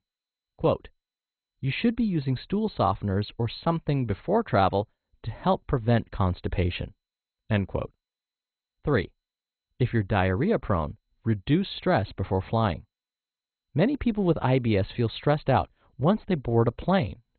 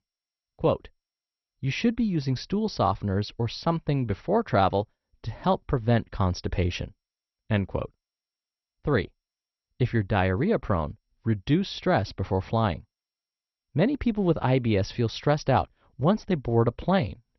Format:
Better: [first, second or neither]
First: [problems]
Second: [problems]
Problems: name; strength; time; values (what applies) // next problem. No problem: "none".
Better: second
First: garbled, watery; badly; nothing above 4 kHz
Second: garbled, watery; slightly; nothing above 6 kHz